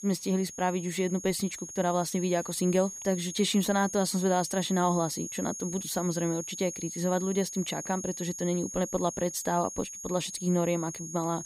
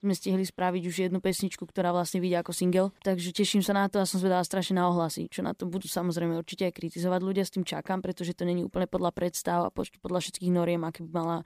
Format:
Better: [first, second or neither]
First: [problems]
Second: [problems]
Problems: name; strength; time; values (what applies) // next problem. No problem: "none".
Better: second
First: high-pitched whine; loud; throughout; 6.5 kHz, 8 dB below the speech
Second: none